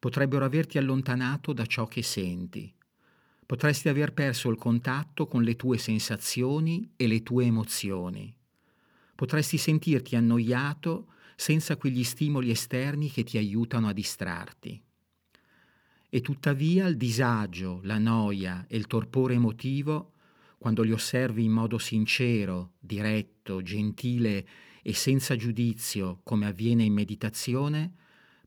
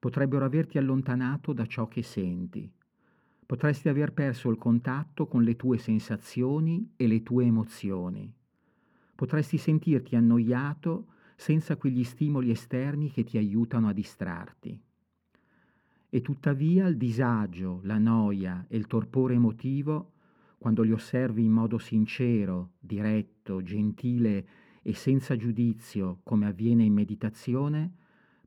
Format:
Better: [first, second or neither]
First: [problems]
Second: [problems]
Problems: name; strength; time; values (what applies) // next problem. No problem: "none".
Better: first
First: none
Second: muffled; slightly; fading above 2.5 kHz